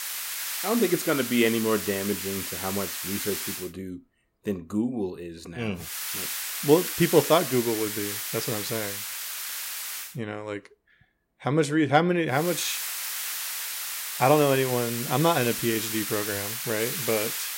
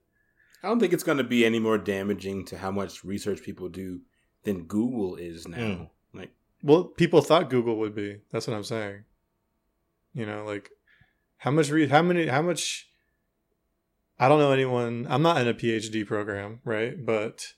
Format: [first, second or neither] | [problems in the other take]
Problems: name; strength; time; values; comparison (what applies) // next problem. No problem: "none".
second | hiss; loud; until 3.5 s, from 6 to 10 s and from 12 s on; 4 dB below the speech